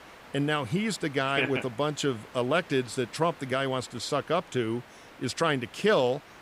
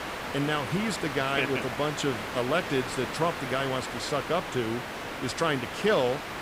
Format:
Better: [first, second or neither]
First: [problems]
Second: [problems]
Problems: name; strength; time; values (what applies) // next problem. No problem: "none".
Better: first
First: hiss; faint; throughout; 20 dB below the speech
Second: hiss; loud; throughout; 5 dB below the speech